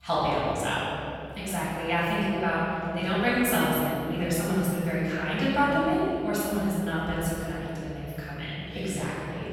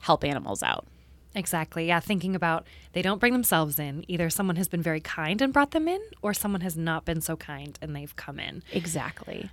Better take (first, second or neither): second